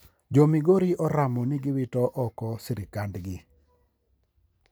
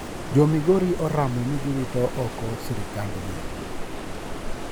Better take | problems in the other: first | background sound (Stream); 5 dB below the speech

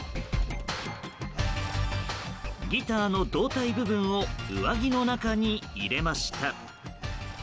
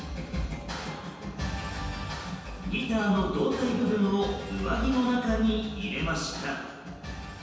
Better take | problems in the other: first | room echo; dies away in 1.2 s

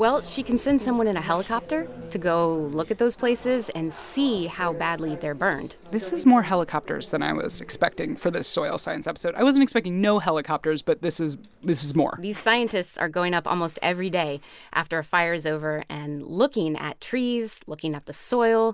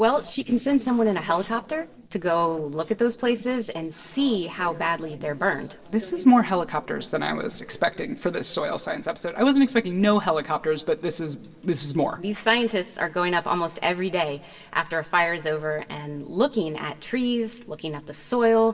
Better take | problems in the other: first | noise reduction (neural separator model SepFormer DNS4)

